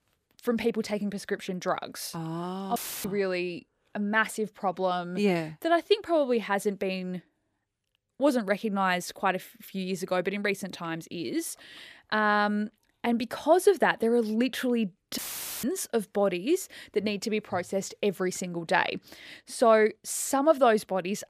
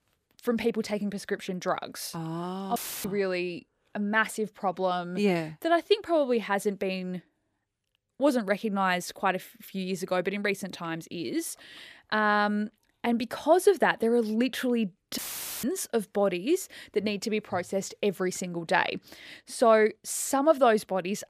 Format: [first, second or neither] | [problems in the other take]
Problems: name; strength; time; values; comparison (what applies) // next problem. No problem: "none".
neither | audio cutting out; filled with static; at 3 s and at 15 s; the same in both